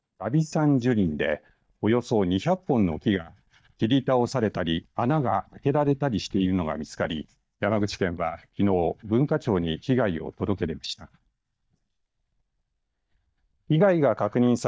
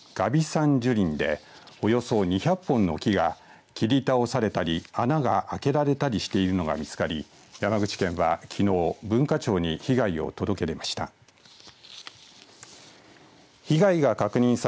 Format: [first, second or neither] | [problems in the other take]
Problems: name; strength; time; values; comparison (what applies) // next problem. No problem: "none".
second | noise reduction (neural mask model DeepFilterNet 3)